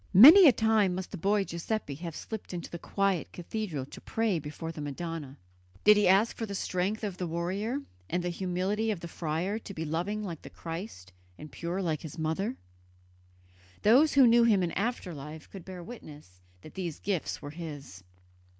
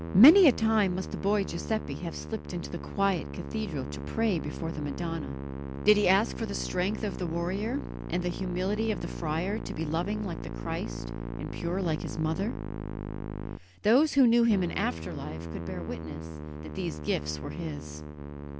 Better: first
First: none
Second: background sound (Musical instrument); 7 dB below the speech

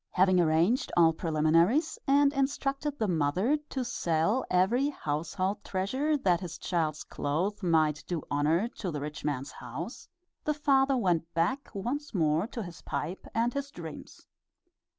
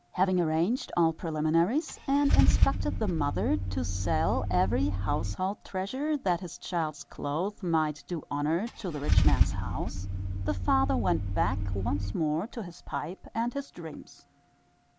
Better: first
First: none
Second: background sound (Idling / Engine starting / Car); 1 dB below the speech

